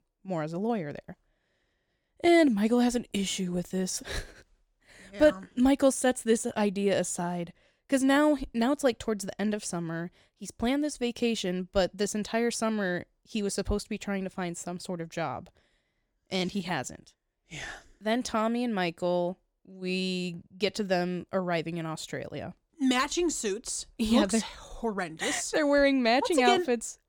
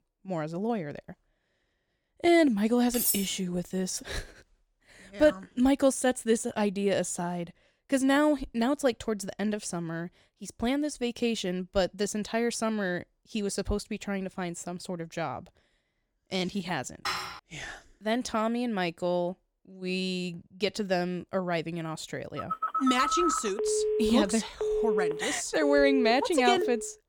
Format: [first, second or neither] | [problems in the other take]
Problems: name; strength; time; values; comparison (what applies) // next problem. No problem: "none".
first | clattering dishes; loud; at 3 s; peak 2 dB above the speech // clattering dishes; noticeable; at 17 s; peak 4 dB below the speech // phone ringing; loud; from 22 s on; peak 1 dB above the speech